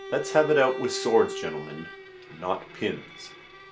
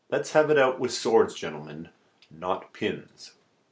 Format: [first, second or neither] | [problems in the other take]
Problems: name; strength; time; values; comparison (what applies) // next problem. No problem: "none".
second | background sound (Bowed string instrument); 10 dB below the speech